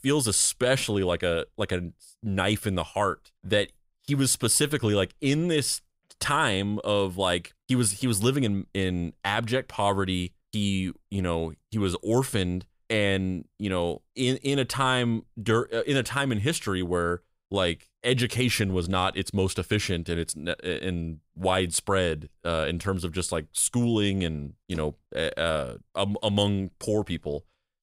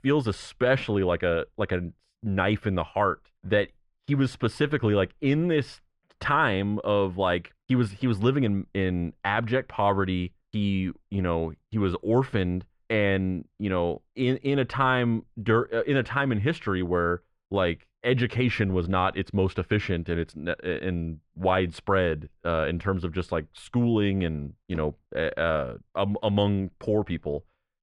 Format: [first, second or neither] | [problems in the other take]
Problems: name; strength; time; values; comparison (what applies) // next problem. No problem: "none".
first | muffled; very; fading above 2 kHz